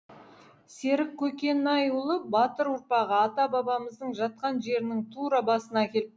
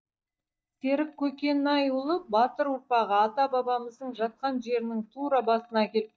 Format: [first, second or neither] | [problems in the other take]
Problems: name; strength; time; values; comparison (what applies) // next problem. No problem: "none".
first | noise reduction (neural mask model DeepFilterNet 3)